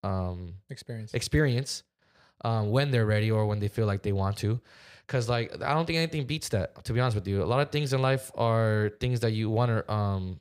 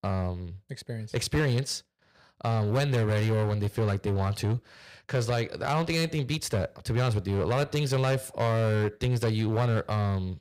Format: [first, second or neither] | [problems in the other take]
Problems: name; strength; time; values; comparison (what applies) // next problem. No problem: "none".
first | distortion; slight; 13% of the sound clipped